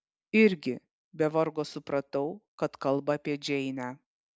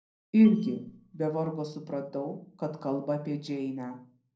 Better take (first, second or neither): first